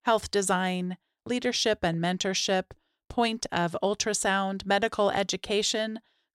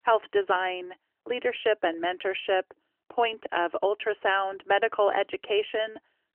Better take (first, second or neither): first